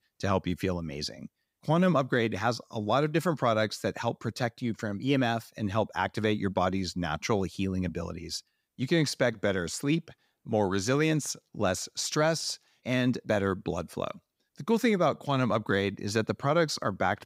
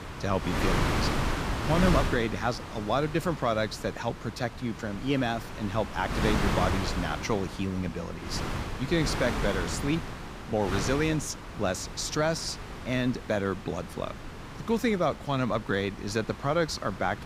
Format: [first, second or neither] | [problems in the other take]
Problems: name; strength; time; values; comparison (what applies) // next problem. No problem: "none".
first | wind noise on the microphone; heavy; 5 dB below the speech